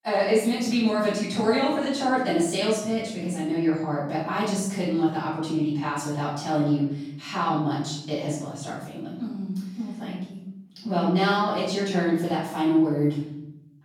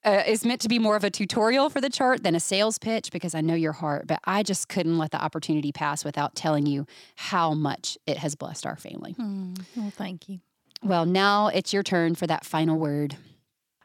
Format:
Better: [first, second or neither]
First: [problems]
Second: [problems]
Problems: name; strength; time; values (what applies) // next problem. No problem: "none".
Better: second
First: off-mic speech; far // room echo; noticeable; dies away in 0.8 s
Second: none